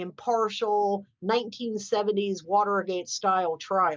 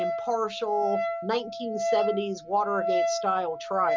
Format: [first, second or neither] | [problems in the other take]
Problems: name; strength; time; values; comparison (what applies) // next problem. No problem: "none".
first | background sound (Wind instrument, woodwind instrument); 1 dB below the speech